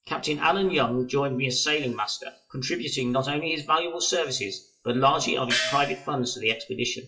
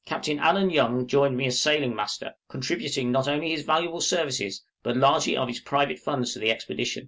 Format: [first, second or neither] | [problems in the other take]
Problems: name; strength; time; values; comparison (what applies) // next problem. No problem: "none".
second | noise reduction (classical method WPE with log-MMSE)